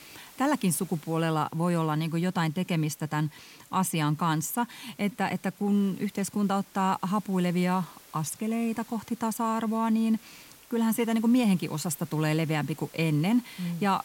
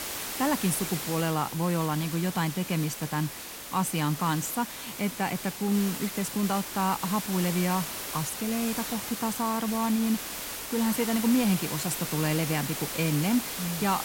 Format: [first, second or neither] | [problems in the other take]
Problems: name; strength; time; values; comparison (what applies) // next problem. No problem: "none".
first | hiss; loud; throughout; 5 dB below the speech; faint in the first